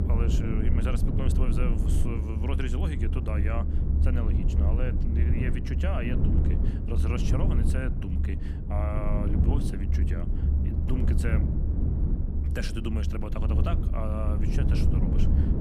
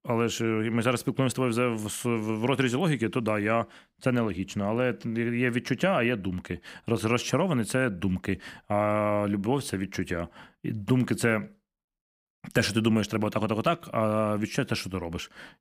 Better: second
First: low rumble; loud; throughout; 2 dB below the speech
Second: none

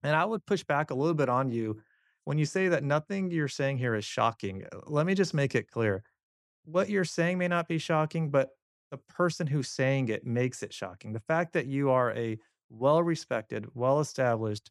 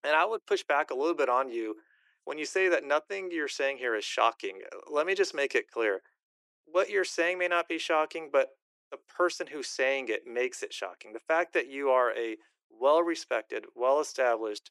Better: first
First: none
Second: thin; very; fading below 350 Hz

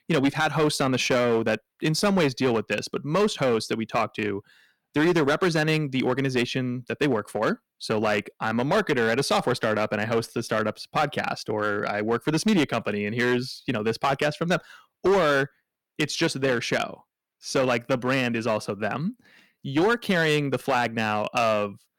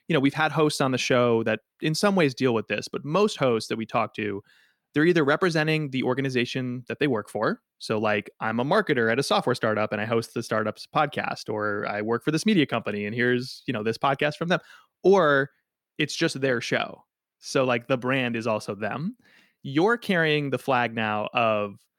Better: second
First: distortion; slight; 7% of the sound clipped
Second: none

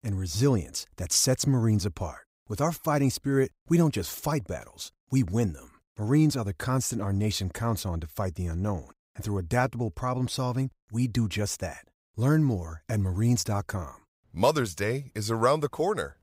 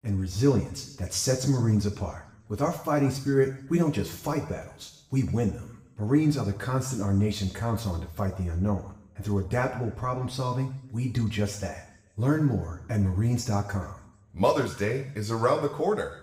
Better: first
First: none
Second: room echo; slight; dies away in 0.8 s // off-mic speech; somewhat distant

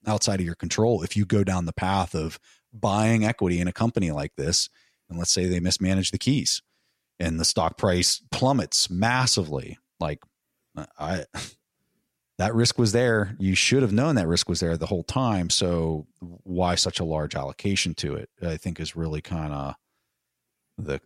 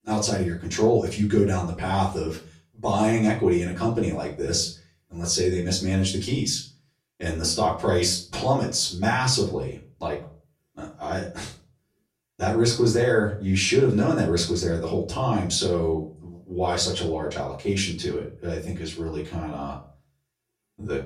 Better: first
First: none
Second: off-mic speech; far // room echo; slight; dies away in 0.3 s

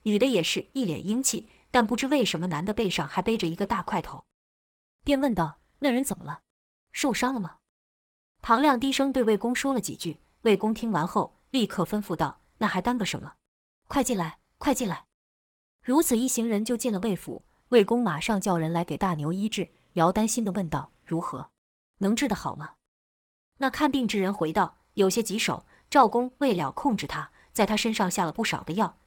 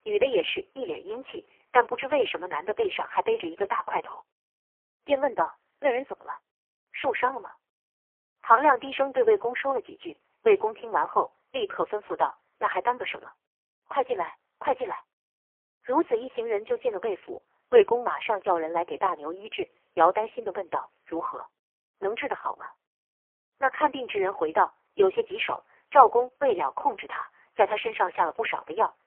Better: first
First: none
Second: phone-call audio; poor line; nothing above 3.5 kHz

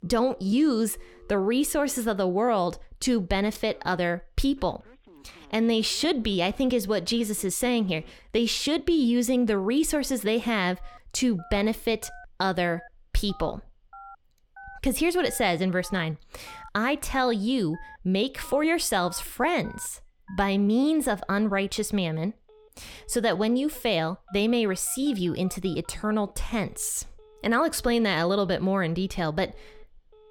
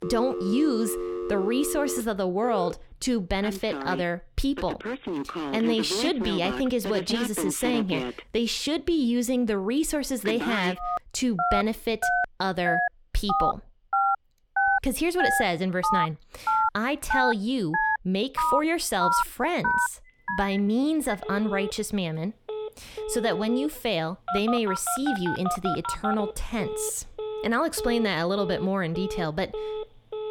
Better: first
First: alarms or sirens; faint; throughout; 25 dB below the speech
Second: alarms or sirens; loud; throughout; 2 dB below the speech

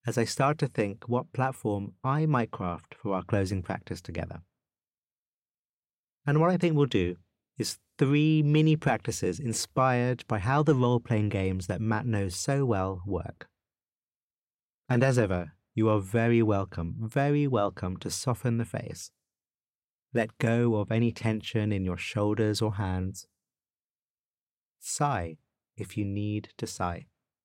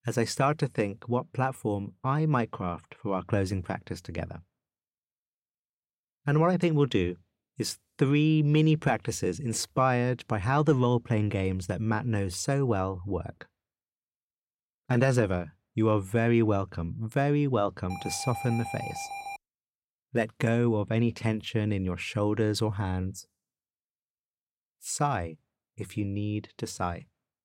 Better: first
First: none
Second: alarm; noticeable; from 18 to 19 s; peak 9 dB below the speech

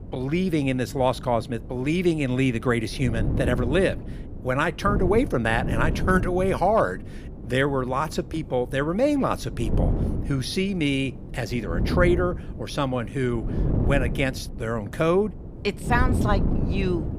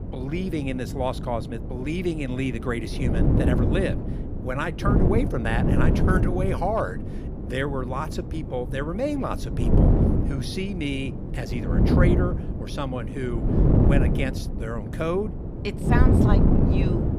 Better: first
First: wind noise on the microphone; occasional gusts; 15 dB below the speech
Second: wind noise on the microphone; heavy; 2 dB below the speech

